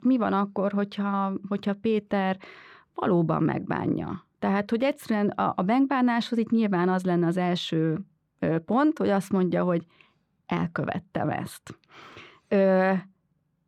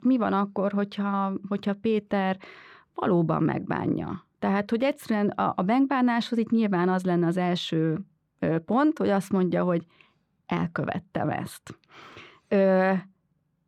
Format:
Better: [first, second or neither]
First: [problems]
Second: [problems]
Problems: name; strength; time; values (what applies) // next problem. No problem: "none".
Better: neither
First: muffled; slightly; fading above 2.5 kHz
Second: muffled; slightly; fading above 2.5 kHz